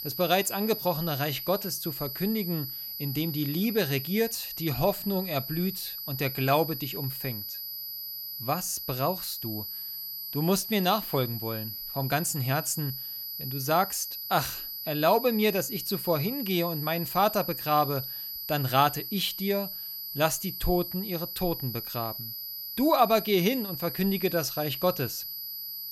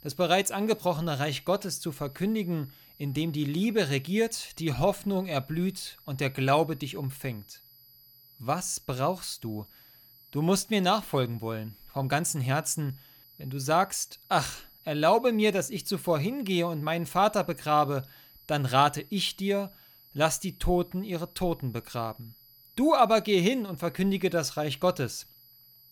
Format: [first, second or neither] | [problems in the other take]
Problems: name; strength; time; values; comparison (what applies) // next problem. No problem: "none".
second | high-pitched whine; loud; throughout; 12 kHz, 6 dB below the speech; faint in the second